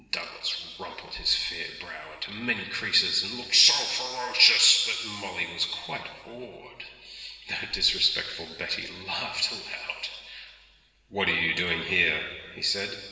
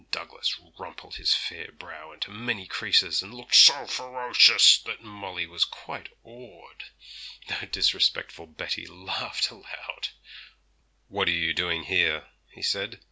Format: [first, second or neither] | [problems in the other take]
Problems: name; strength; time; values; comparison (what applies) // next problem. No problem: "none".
second | room echo; dies away in 2.1 s